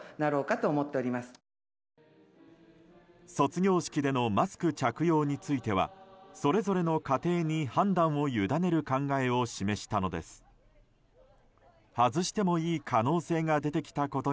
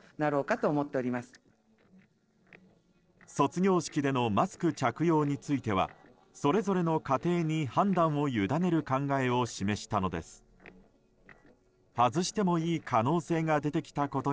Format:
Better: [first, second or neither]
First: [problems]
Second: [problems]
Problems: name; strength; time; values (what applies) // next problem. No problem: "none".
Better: first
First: none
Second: noise reduction (neural separator model SepFormer DNS4)